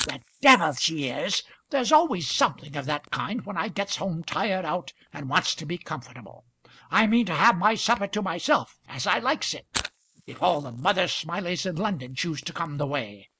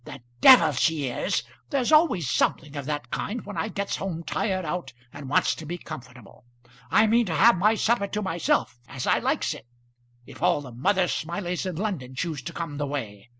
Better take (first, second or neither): second